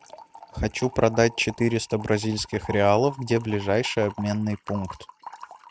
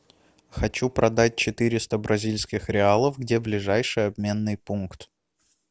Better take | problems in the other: second | noise reduction (neural mask model RNNoise)

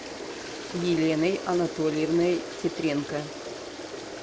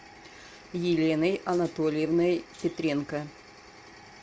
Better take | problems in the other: second | background sound (Toilet flush); 9 dB below the speech

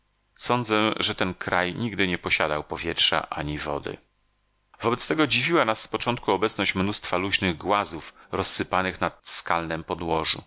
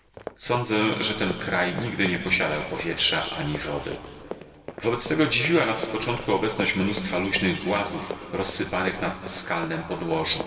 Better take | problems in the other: first | background sound (Run); 14 dB below the speech // room echo; dies away in 2.5 s

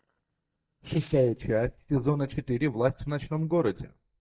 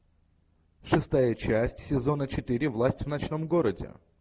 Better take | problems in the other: second | noise reduction (neural mask model DeepFilterNet 3)

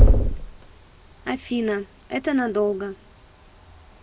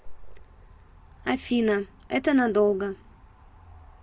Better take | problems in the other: second | background sound (Knock); 5 dB above the speech

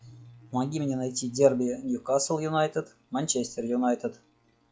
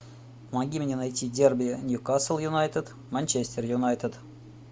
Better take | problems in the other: second | noise reduction (classical method log-MMSE)

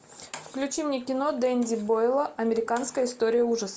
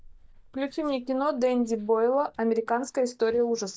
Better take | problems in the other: first | noise reduction (neural mask model DeepFilterNet 3)

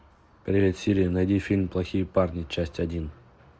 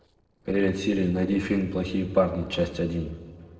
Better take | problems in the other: first | noise reduction (neural separator model SepFormer DNS4)

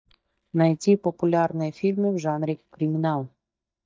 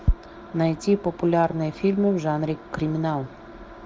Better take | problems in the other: second | noise reduction (neural mask model DeepFilterNet 3)

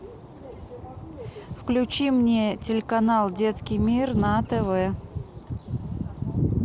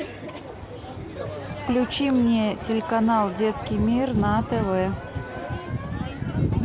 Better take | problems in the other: first | background sound (Crowd); 12 dB below the speech

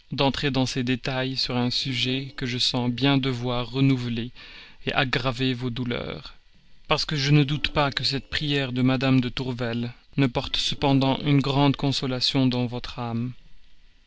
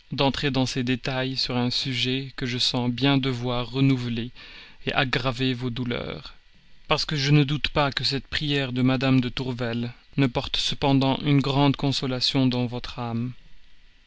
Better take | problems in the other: second | noise reduction (neural separator model SepFormer DNS4)

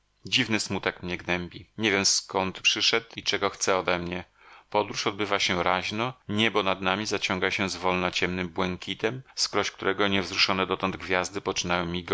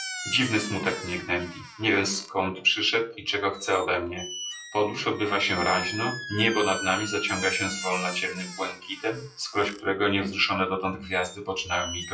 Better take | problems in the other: first | noise reduction (classical method WPE with log-MMSE)

